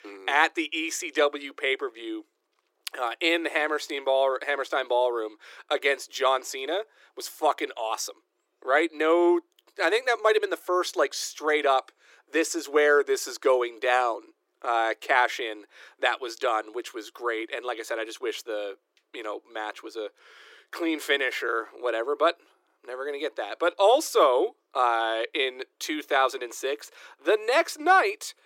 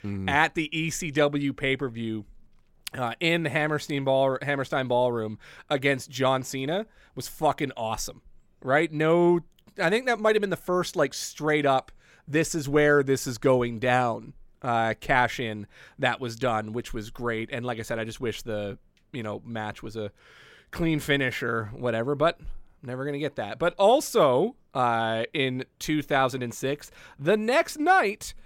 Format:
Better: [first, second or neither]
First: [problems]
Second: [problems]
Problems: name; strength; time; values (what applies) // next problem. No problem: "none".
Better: second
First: thin; very; fading below 300 Hz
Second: none